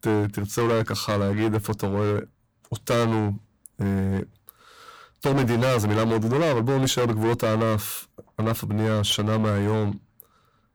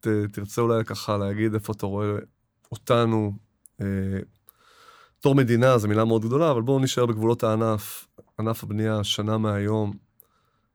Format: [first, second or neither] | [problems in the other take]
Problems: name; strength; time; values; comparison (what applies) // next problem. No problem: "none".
second | distortion; heavy; 19% of the sound clipped